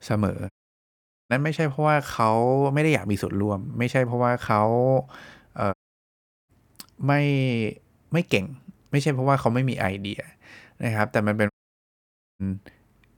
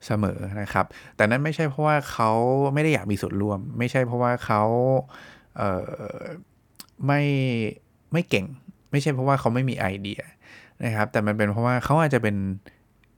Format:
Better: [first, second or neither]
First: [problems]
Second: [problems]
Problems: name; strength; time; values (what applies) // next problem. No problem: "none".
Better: second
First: audio cutting out; at 0.5 s for 1 s, at 5.5 s for 0.5 s and at 12 s for 1 s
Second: none